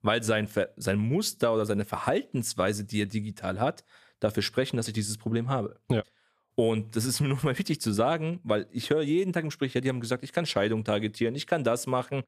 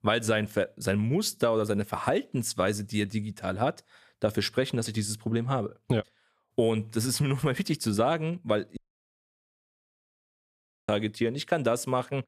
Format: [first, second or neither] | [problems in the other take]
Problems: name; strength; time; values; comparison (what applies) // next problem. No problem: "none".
first | audio cutting out; at 9 s for 2 s